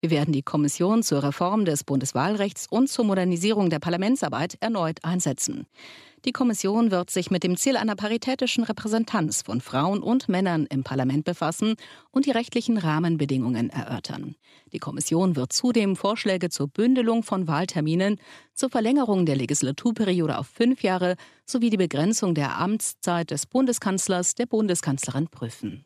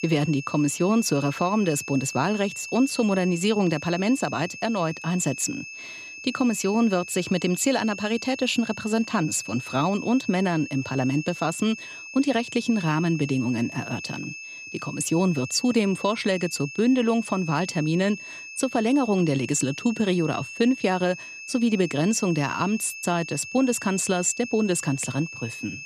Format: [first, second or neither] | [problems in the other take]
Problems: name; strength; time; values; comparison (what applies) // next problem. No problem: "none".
first | high-pitched whine; noticeable; throughout; 2.5 kHz, 10 dB below the speech